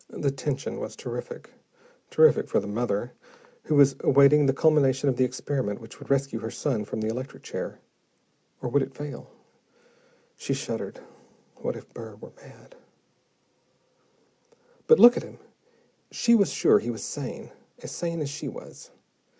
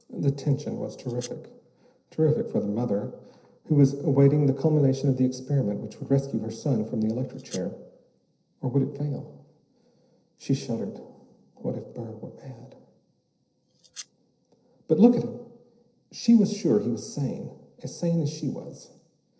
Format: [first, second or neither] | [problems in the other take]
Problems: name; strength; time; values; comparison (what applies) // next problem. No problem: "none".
first | noise reduction (neural separator model SepFormer DNS4)